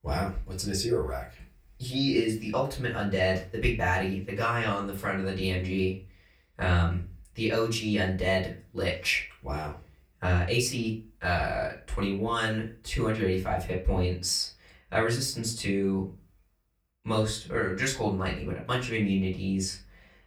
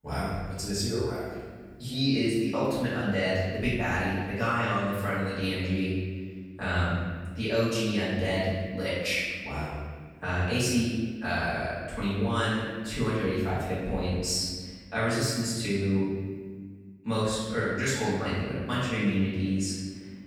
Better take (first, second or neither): first